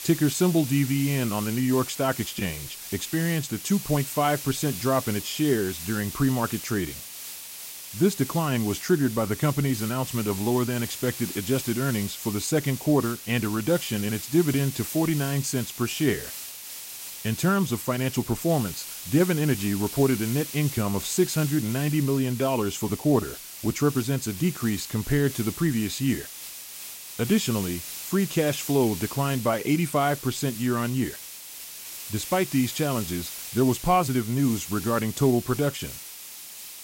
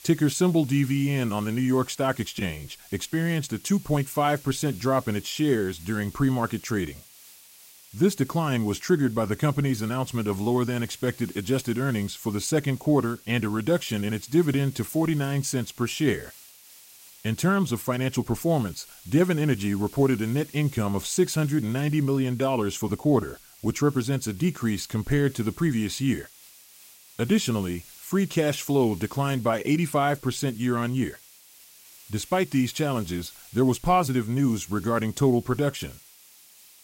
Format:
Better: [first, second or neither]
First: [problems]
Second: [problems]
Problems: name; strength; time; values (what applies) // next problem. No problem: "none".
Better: second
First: hiss; loud; throughout; 9 dB below the speech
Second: hiss; faint; throughout; 20 dB below the speech